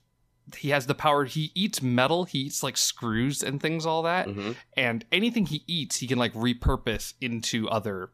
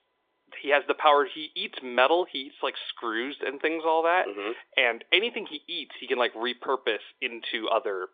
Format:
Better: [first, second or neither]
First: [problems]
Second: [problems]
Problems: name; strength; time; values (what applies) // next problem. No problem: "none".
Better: first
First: none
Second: phone-call audio